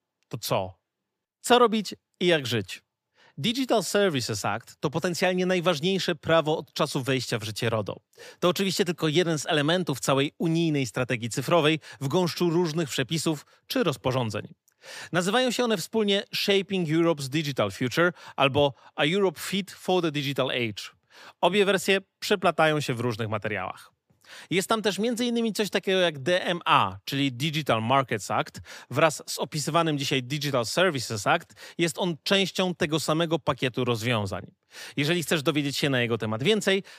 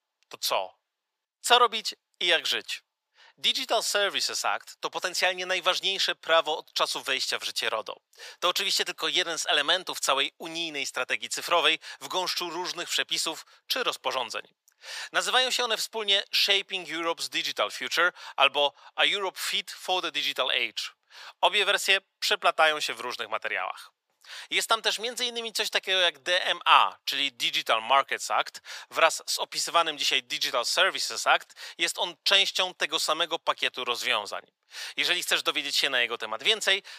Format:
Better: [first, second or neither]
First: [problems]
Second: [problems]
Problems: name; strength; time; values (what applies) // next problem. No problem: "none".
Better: first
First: none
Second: thin; very; fading below 800 Hz